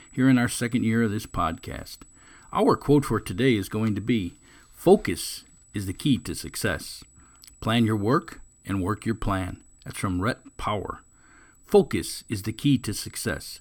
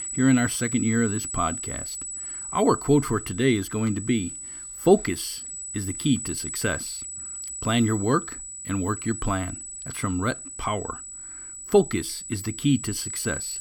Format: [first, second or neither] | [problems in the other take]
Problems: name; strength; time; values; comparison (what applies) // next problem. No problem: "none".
first | high-pitched whine; loud; throughout; 8 kHz, 7 dB below the speech; faint in the first